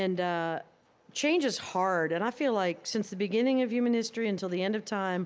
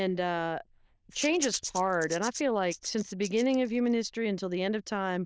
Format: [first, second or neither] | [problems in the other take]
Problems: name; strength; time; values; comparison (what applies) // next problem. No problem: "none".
first | noise reduction (neural diffusion model UNIVERSE++)